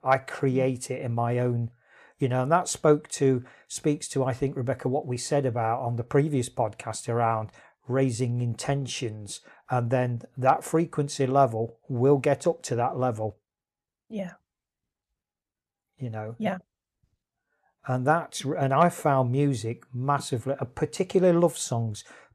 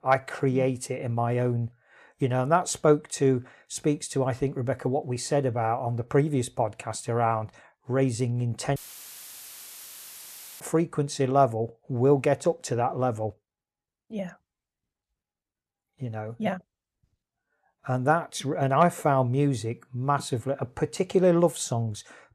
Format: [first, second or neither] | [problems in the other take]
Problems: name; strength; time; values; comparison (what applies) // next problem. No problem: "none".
first | audio cutting out; filled with static; at 9 s for 2 s